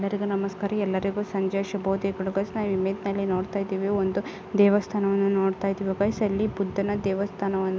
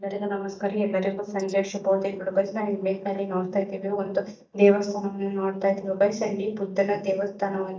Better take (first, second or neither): first